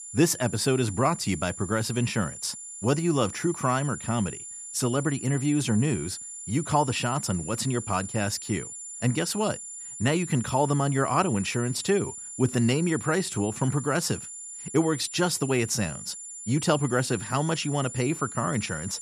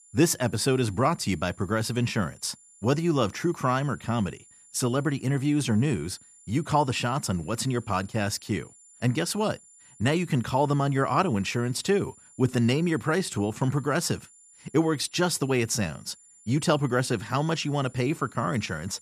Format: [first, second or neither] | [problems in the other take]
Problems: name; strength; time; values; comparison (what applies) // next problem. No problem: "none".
second | high-pitched whine; loud; throughout; 7 kHz, 10 dB below the speech; faint in the second